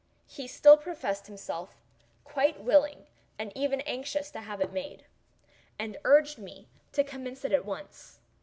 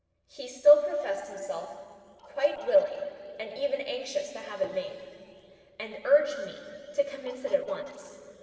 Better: first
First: none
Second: noise reduction (neural separator model SepFormer DNS4)

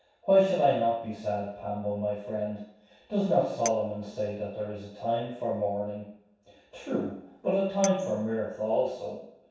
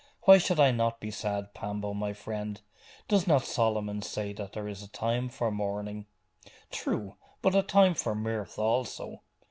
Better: second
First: background sound (Chink, clink); 16 dB below the speech // room echo; dies away in 0.7 s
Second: none

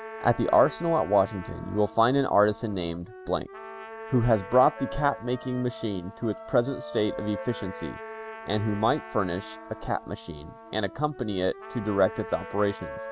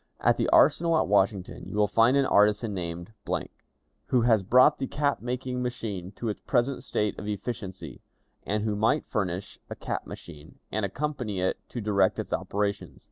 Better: second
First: background sound (Wind instrument, woodwind instrument + Trumpet); 14 dB below the speech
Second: none

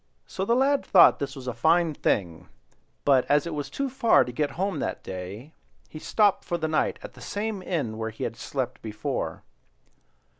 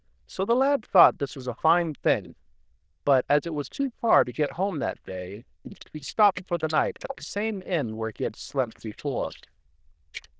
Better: first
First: none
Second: noise reduction (neural diffusion model UNIVERSE++)

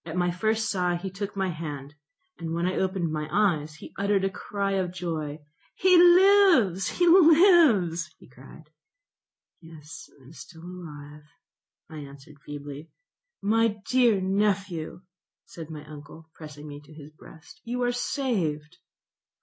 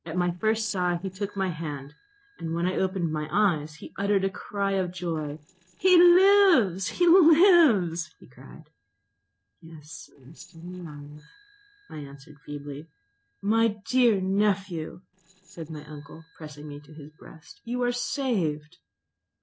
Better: first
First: none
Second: noise reduction (neural separator model SepFormer DNS4)

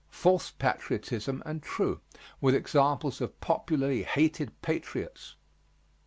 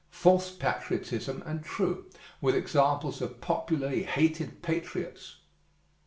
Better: first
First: none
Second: room echo; dies away in 0.4 s

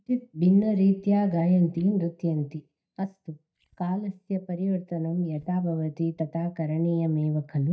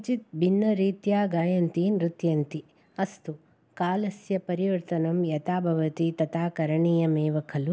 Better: second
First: noise reduction (neural mask model DeepFilterNet 3)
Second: none

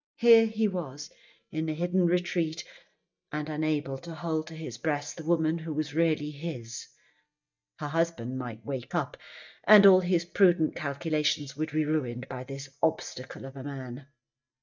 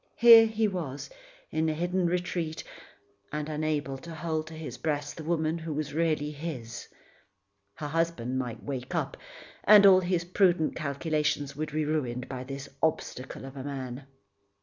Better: second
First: noise reduction (neural mask model DeepFilterNet 3)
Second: none

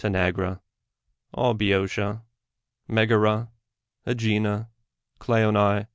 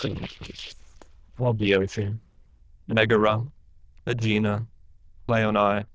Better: first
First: none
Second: noise reduction (neural diffusion model UNIVERSE++)

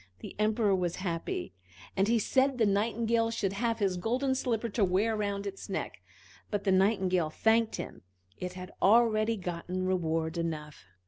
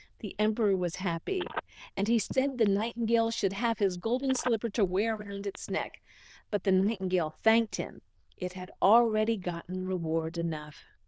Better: first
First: none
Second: noise reduction (neural diffusion model UNIVERSE++)

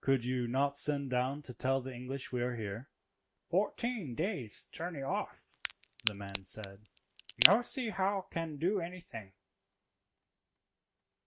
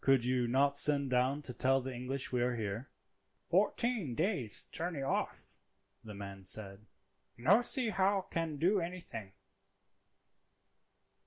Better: second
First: noise reduction (neural mask model RNNoise)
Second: none

